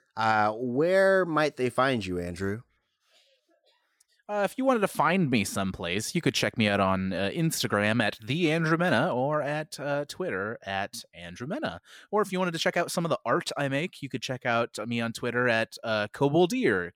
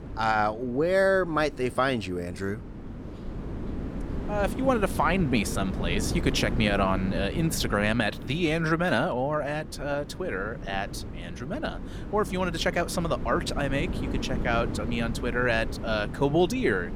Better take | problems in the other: first | wind noise on the microphone; occasional gusts; 15 dB below the speech

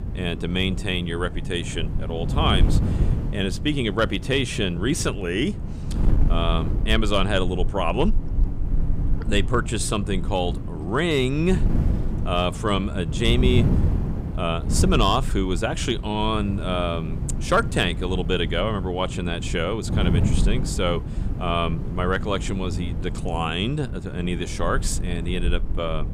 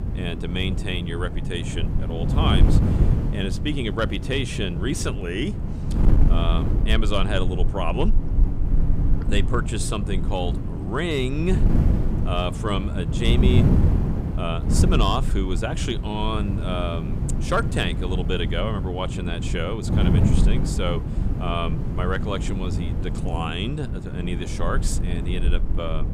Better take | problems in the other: first | wind noise on the microphone; heavy; 6 dB below the speech; occasional gusts in the first

